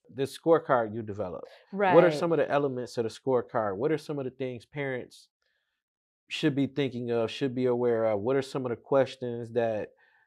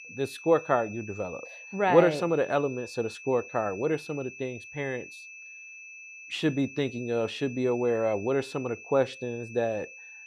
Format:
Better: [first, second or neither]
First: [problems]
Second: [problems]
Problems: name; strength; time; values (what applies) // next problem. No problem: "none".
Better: first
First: none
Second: high-pitched whine; noticeable; throughout; 2.5 kHz, 15 dB below the speech